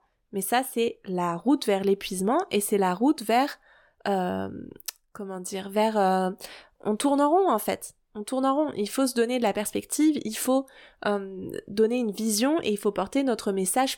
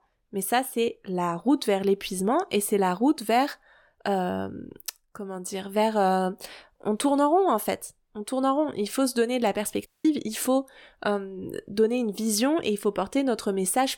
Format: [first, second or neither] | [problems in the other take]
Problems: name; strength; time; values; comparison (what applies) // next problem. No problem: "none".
first | audio cutting out; at 10 s